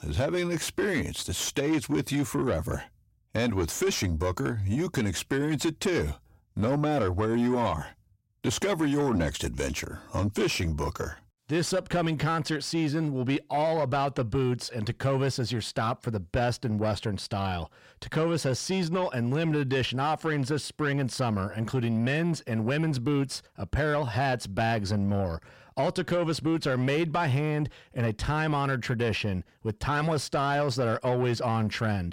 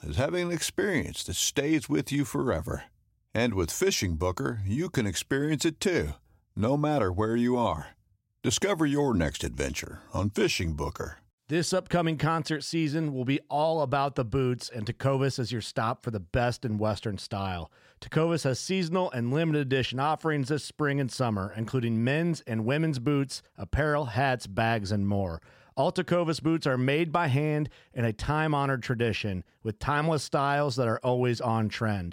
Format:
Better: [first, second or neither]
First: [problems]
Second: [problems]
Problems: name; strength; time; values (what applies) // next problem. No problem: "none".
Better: second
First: distortion; slight; 10 dB below the speech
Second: none